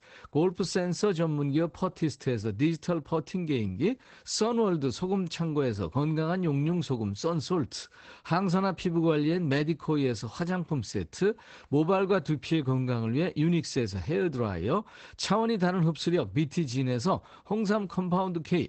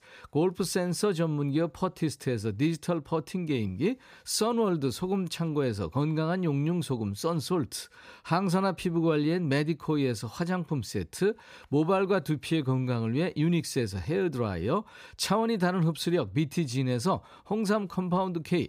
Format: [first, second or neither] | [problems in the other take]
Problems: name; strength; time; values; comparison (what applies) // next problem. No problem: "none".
second | garbled, watery; badly; nothing above 8 kHz